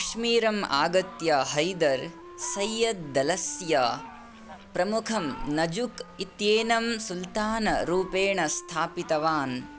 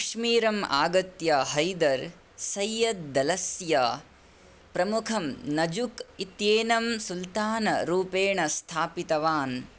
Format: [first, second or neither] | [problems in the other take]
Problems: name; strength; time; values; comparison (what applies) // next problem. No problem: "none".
second | background sound (Fowl + Wind instrument, woodwind instrument); 16 dB below the speech